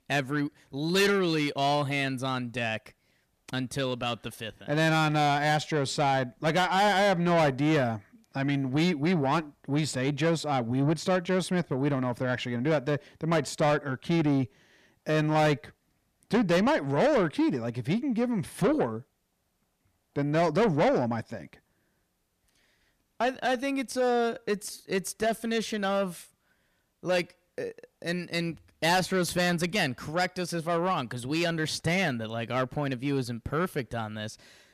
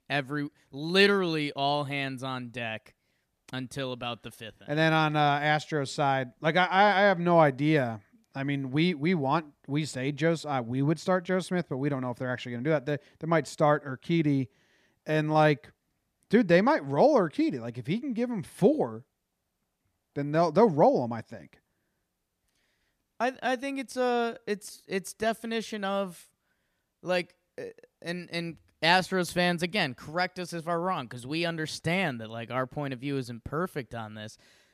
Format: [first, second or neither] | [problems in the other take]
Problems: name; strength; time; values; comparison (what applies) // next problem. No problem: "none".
second | distortion; heavy; 8 dB below the speech